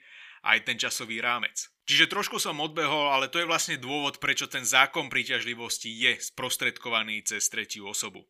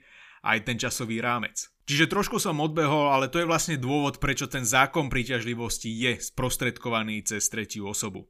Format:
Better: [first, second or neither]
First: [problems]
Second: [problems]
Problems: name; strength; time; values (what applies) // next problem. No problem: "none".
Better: second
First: thin; somewhat; fading below 1 kHz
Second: none